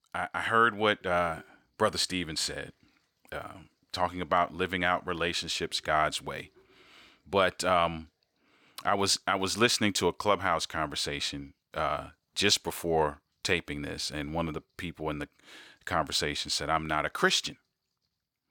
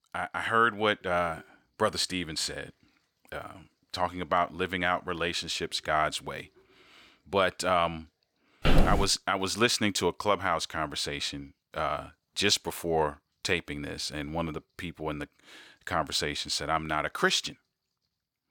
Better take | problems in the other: first | footsteps; loud; at 8.5 s; peak 3 dB above the speech

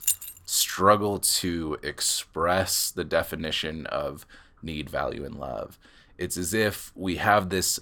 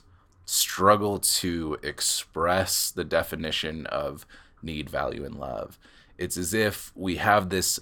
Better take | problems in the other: second | jangling keys; loud; at the start; peak level with the speech

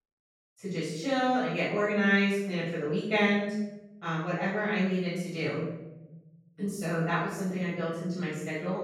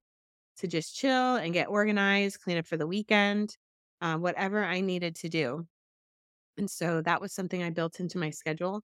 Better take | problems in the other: second | off-mic speech; far // room echo; strong; dies away in 1 s

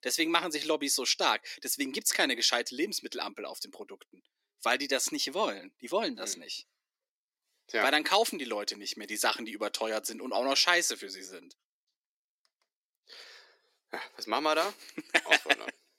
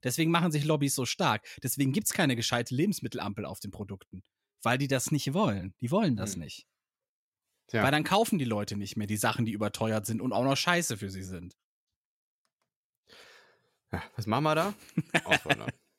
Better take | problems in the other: second | thin; somewhat; fading below 300 Hz

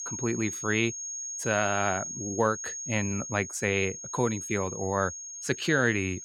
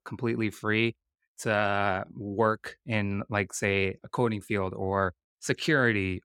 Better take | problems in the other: second | high-pitched whine; loud; throughout; 6.5 kHz, 7 dB below the speech

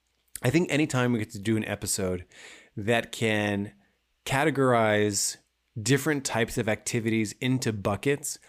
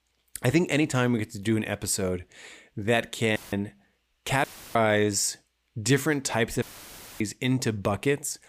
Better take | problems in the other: first | audio cutting out; filled with static; at 3.5 s, at 4.5 s and at 6.5 s for 0.5 s

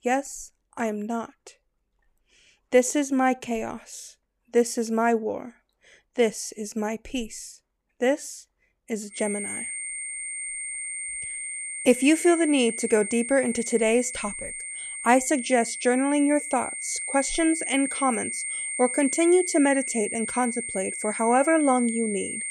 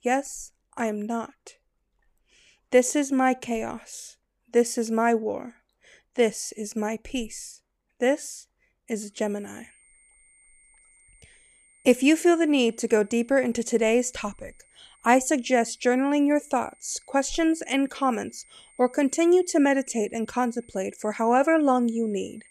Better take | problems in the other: second | high-pitched whine; loud; from 9 s on; 8.5 kHz, 6 dB below the speech; faint in the second

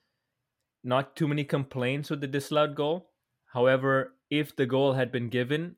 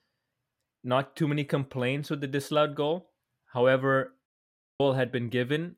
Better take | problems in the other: first | audio cutting out; at 4.5 s for 0.5 s

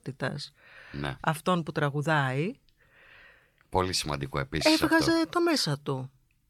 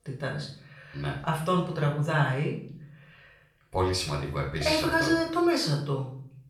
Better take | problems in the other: first | off-mic speech; far // room echo; noticeable; dies away in 0.5 s

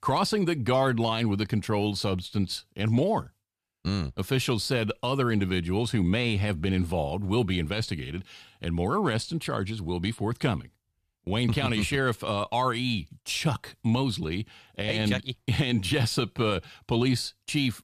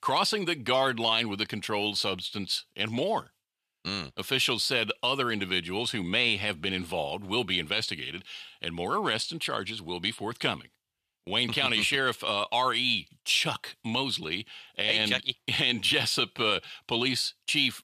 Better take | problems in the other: first | thin; somewhat; fading below 1 kHz

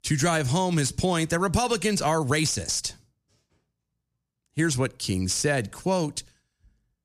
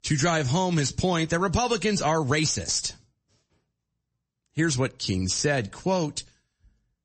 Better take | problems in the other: first | garbled, watery; slightly; nothing above 8 kHz

